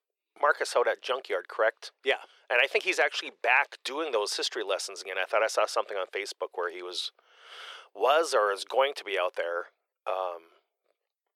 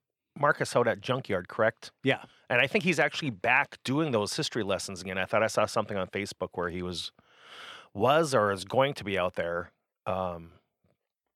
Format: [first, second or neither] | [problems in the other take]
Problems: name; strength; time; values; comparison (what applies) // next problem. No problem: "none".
second | thin; very; fading below 400 Hz